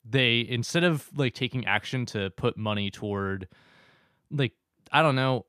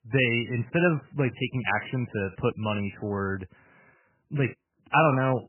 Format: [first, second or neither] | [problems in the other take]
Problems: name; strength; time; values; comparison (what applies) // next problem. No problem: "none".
first | garbled, watery; badly; nothing above 3 kHz